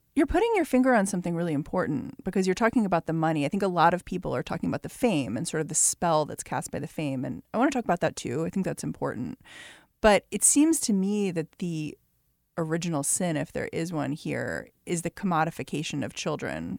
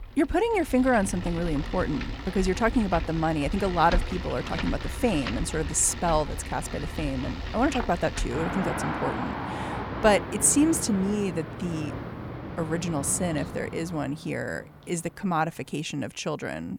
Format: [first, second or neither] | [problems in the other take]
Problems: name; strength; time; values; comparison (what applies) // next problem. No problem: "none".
first | traffic noise; loud; throughout; 8 dB below the speech